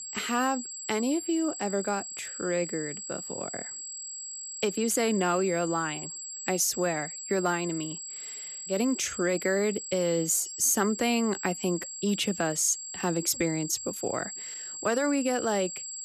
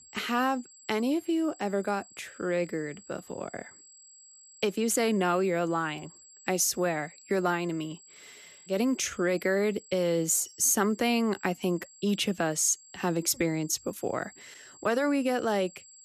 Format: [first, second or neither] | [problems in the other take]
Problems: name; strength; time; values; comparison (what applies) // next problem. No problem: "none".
second | high-pitched whine; loud; throughout; 7.5 kHz, 8 dB below the speech; faint in the second